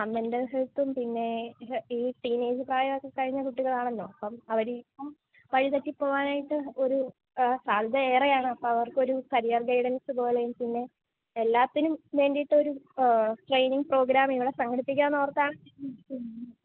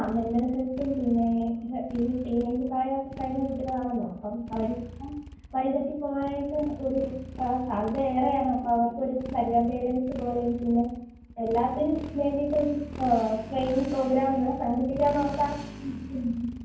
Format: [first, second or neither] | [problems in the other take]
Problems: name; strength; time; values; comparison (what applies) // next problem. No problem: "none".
first | background sound (Motorcycle); 14 dB below the speech // room echo; dies away in 0.9 s